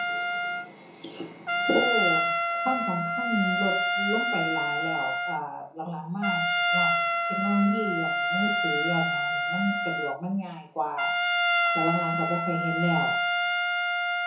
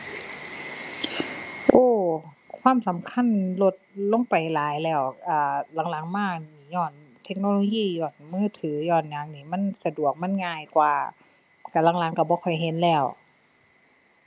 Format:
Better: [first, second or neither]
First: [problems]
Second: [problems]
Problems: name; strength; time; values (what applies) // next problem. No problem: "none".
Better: second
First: background sound (Trumpet); 4 dB above the speech // room echo; dies away in 0.6 s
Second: none